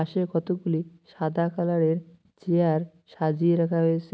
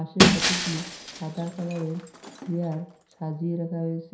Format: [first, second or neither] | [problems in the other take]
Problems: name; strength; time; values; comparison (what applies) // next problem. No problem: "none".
first | background sound (Shatter); 4 dB above the speech // room echo; dies away in 0.5 s